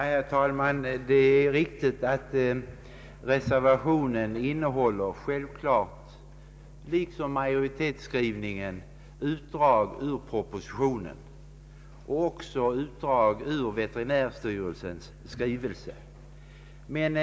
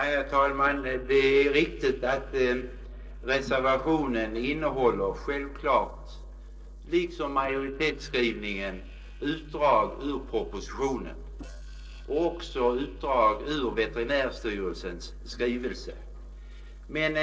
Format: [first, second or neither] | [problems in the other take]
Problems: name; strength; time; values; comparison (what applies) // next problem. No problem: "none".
first | noise reduction (neural separator model SepFormer DNS4)